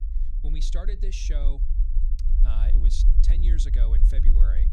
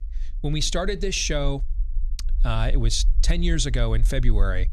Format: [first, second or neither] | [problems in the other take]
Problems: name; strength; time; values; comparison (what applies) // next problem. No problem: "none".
second | low rumble; loud; throughout; 5 dB below the speech; faint in the second